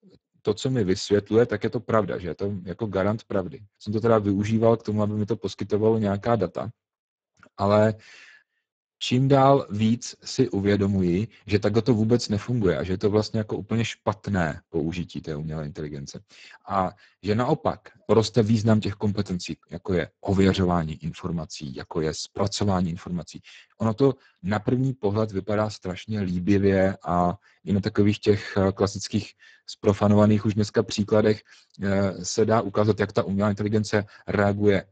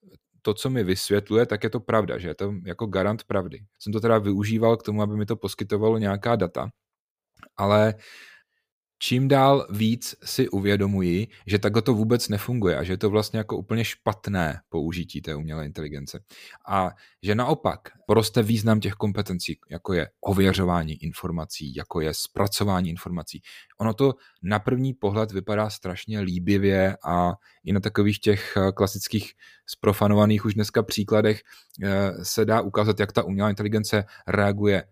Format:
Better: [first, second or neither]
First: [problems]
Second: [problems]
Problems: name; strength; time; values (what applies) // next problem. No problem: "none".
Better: second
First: garbled, watery; badly; nothing above 7.5 kHz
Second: none